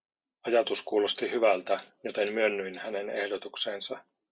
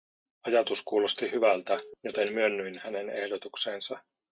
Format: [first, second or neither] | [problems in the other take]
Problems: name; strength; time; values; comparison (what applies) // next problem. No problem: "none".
first | noise reduction (neural mask model RNNoise)